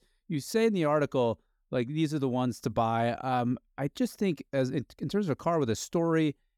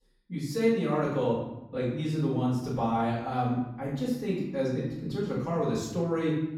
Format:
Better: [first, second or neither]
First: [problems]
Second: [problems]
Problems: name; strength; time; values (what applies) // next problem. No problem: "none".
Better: first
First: none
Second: off-mic speech; far // room echo; noticeable; dies away in 0.9 s